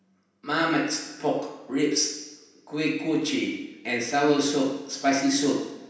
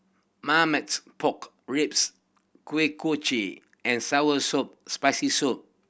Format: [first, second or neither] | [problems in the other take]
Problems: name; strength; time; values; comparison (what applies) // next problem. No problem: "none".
second | room echo; dies away in 0.9 s